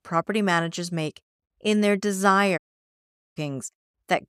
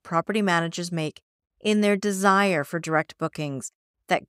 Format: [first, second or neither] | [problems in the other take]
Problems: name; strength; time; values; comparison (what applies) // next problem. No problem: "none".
second | audio cutting out; at 2.5 s for 1 s